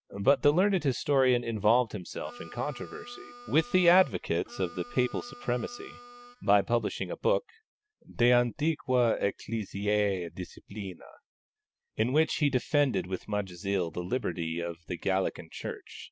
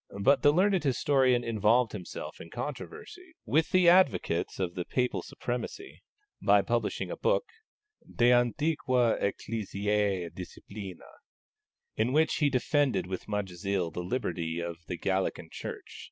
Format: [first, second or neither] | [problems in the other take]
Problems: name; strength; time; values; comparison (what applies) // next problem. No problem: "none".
second | background sound (Harmonica); 18 dB below the speech